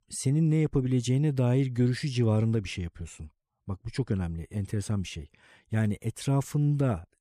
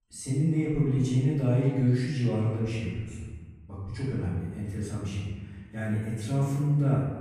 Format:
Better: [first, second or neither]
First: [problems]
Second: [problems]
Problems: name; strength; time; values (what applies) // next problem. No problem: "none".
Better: first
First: none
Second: off-mic speech; far // room echo; strong; dies away in 1.3 s